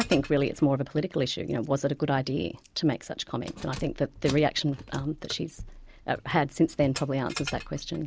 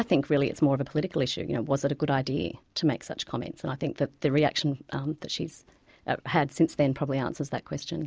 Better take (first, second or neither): second